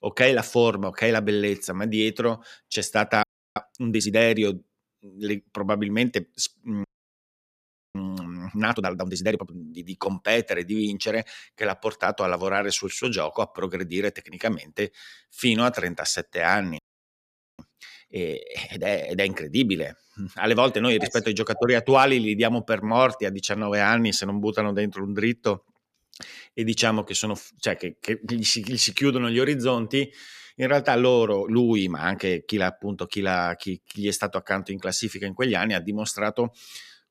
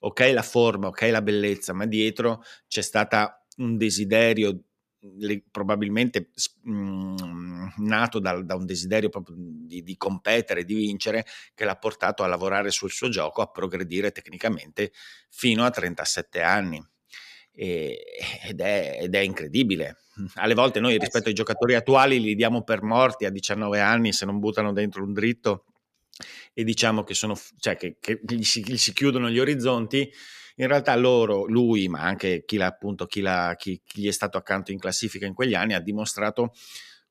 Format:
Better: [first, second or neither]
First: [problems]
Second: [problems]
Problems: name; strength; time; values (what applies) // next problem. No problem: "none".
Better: second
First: audio freezing; at 3 s, at 7 s for 1 s and at 17 s for 1 s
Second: none